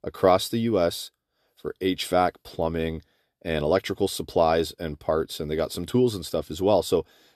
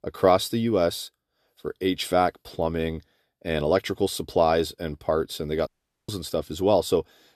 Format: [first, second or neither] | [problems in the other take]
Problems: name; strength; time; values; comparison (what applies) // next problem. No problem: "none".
first | audio cutting out; at 5.5 s